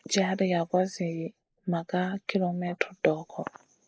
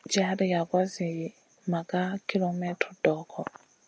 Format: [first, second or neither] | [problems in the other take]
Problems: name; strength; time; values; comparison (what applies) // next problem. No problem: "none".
second | noise reduction (neural mask model Resemble Enhance denoiser)